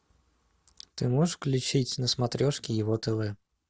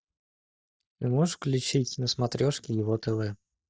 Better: first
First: none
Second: noise reduction (neural mask model DeepFilterNet 3)

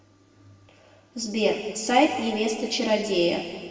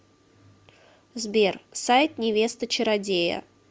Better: second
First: room echo; dies away in 2.1 s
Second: none

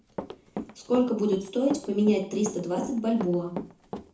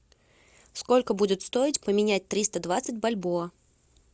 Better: second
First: background sound (Run); 12 dB below the speech // room echo; dies away in 0.6 s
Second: none

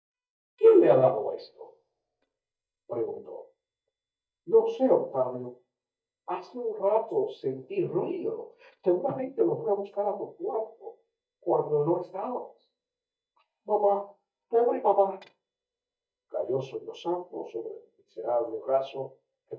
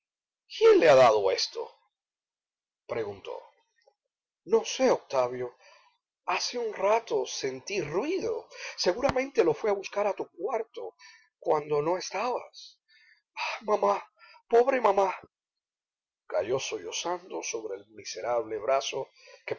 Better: second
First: noise reduction (neural mask model DeepFilterNet 3)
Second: none

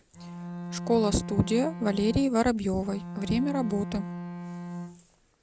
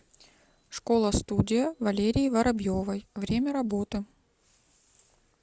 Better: second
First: background sound (Bowed string instrument); 9 dB below the speech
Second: none

